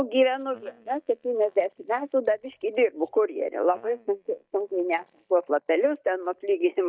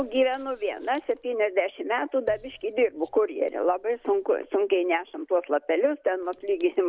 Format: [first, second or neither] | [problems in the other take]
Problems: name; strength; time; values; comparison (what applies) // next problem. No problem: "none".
second | noise reduction (neural mask model DeepFilterNet 3)